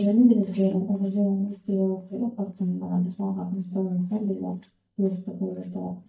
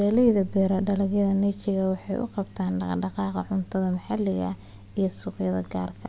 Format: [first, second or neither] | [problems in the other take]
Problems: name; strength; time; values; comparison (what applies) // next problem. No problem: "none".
second | noise reduction (neural mask model DeepFilterNet 3)